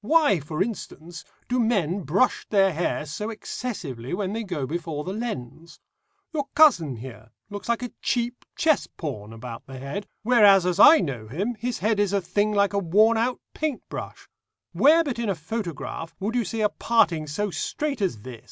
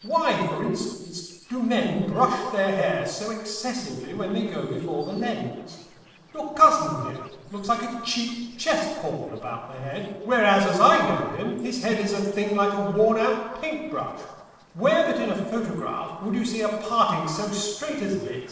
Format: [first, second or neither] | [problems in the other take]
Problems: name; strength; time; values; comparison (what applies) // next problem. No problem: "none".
first | noise reduction (neural separator model SepFormer DNS4)